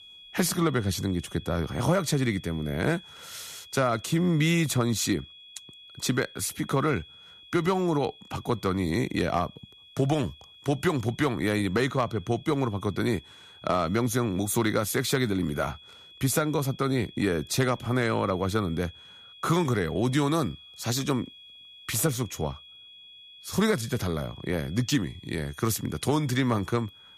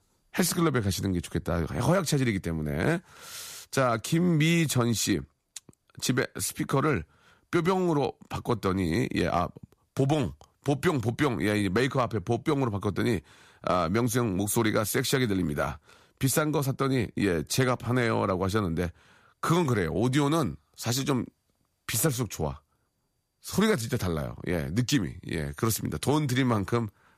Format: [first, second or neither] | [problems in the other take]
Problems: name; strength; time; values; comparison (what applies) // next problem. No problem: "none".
second | high-pitched whine; faint; throughout; 3.5 kHz, 20 dB below the speech